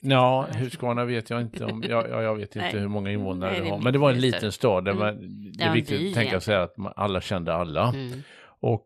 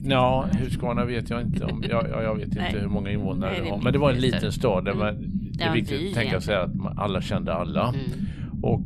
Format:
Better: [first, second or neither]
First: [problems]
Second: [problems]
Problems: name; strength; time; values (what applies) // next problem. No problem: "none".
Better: first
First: none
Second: low rumble; noticeable; throughout; 10 dB below the speech